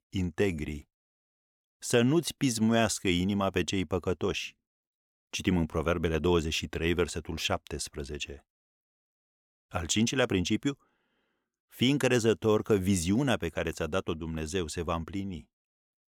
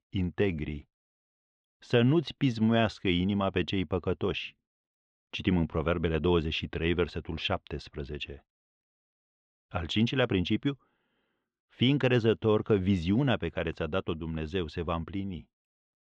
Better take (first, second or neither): first